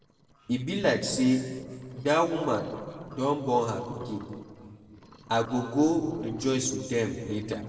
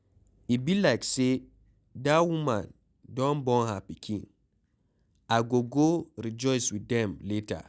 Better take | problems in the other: second | noise reduction (neural separator model SepFormer DNS4)

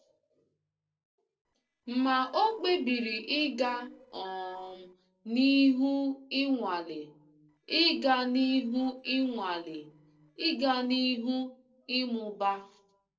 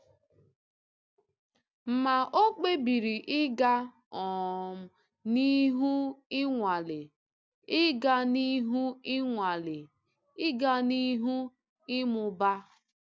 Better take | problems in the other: second | noise reduction (neural separator model SepFormer DNS4)

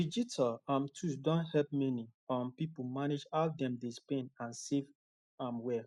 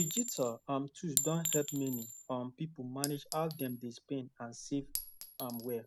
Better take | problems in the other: first | background sound (Chink, clink); 4 dB below the speech

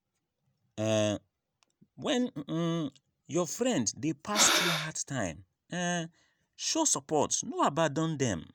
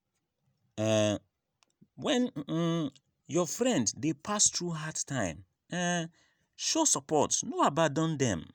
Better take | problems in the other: second | background sound (Breathing); 2 dB above the speech

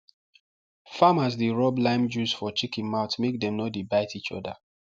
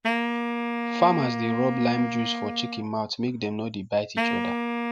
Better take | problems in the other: first | background sound (Wind instrument, woodwind instrument); 2 dB below the speech

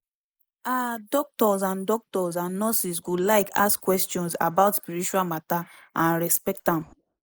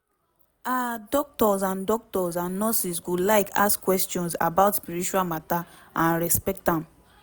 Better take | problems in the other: second | noise reduction (neural mask model Resemble Enhance denoiser)

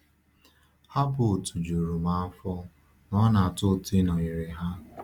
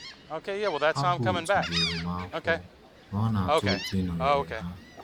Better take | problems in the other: first | background sound (Gull, seagull); 3 dB above the speech

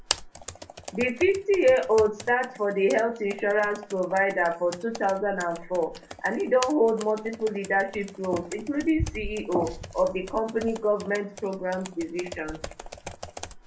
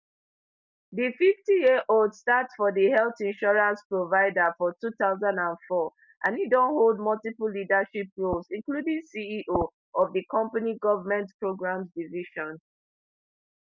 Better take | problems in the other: second | background sound (Computer keyboard); 12 dB below the speech // room echo; dies away in 0.3 s

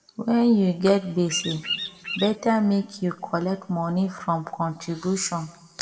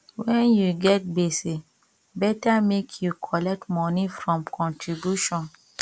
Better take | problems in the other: second | background sound (Bird vocalization, bird call, bird song); 7 dB below the speech // room echo; dies away in 1.1 s

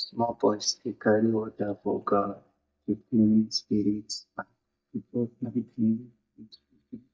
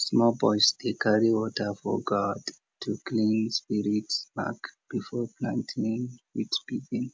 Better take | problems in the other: second | noise reduction (neural mask model DeepFilterNet 3)

